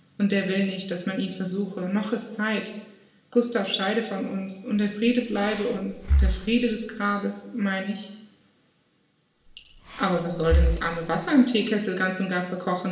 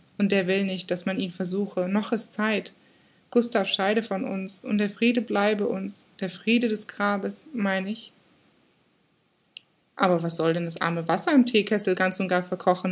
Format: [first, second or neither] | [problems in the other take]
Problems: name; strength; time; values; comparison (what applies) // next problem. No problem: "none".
second | background sound (Breathing); 1 dB below the speech // room echo; dies away in 0.9 s